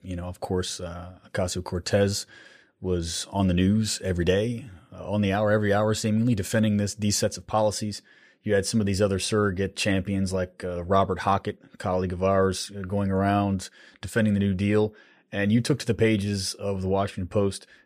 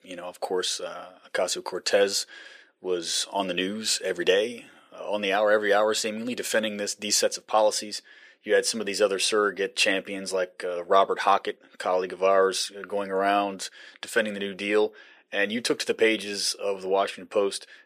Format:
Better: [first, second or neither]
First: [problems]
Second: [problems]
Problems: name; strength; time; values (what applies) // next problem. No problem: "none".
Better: first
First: none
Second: thin; somewhat; fading below 350 Hz